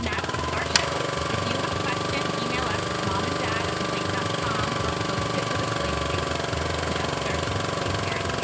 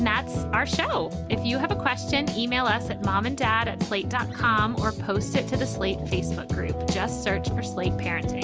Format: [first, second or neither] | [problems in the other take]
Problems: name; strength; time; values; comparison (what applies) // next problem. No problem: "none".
second | background sound (Engine starting); 5 dB above the speech // room echo; dies away in 0.2 s